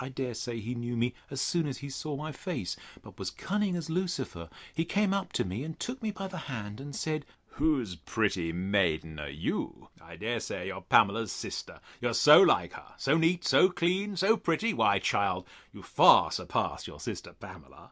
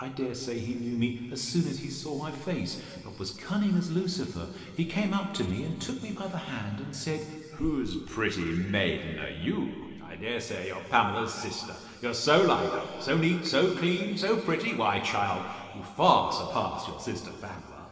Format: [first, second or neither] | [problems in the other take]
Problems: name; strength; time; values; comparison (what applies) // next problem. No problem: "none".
first | room echo; dies away in 2.5 s